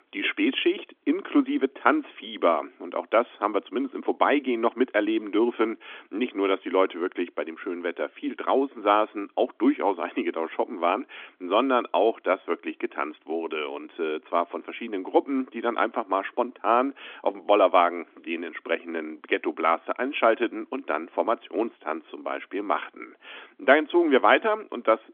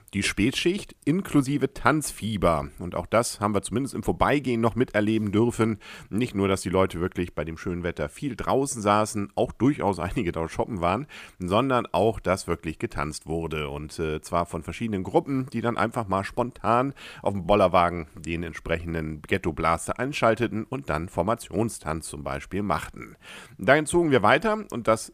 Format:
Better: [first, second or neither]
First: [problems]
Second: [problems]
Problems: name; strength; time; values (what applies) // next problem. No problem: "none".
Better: second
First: phone-call audio; nothing above 3.5 kHz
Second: none